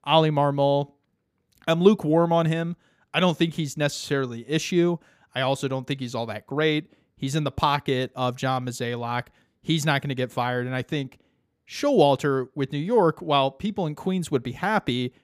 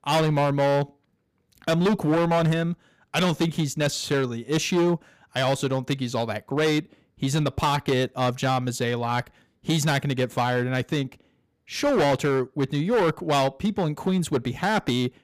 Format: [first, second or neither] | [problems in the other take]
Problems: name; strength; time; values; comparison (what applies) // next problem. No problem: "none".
first | distortion; heavy; 12% of the sound clipped